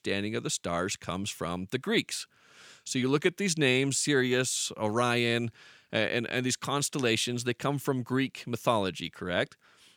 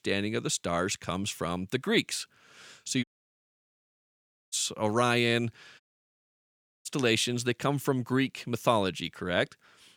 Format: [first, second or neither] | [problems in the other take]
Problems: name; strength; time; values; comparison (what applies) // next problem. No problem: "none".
first | audio cutting out; at 3 s for 1.5 s and at 6 s for 1 s